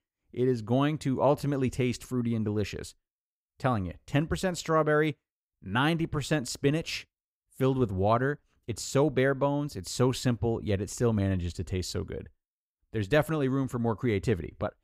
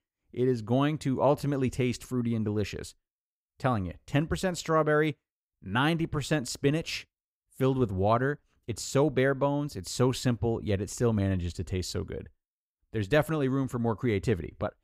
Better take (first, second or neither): neither